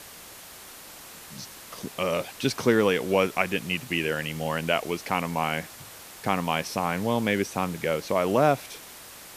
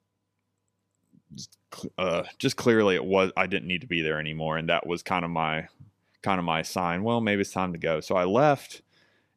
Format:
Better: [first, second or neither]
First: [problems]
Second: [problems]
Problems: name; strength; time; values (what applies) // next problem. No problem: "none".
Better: second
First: hiss; noticeable; throughout; 15 dB below the speech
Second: none